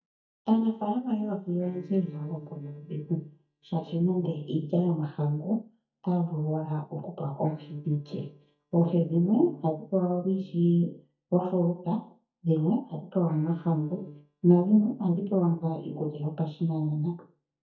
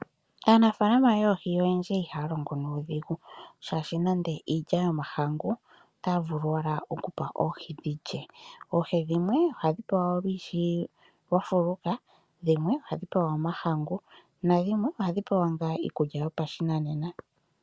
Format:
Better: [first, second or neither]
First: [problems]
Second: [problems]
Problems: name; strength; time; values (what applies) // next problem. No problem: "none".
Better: second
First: noise reduction (neural mask model DeepFilterNet 3)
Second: none